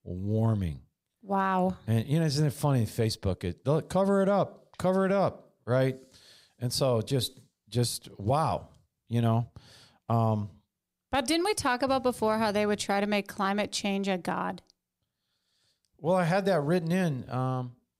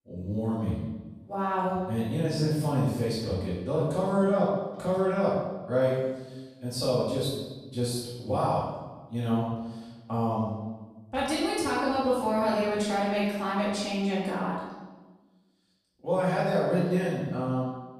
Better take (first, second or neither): first